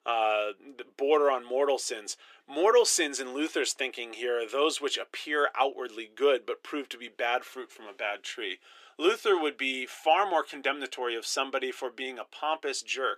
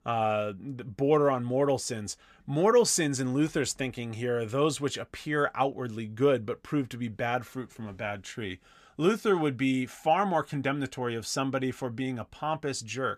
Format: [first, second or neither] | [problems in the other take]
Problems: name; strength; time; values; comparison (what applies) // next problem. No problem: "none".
second | thin; somewhat; fading below 350 Hz